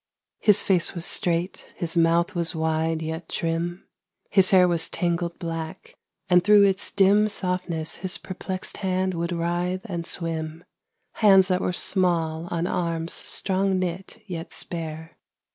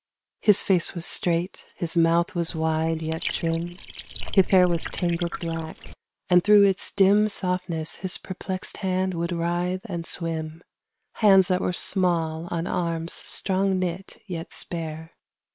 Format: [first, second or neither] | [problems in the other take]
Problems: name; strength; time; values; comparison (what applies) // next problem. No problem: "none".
first | noise reduction (neural separator model SepFormer WHAM!)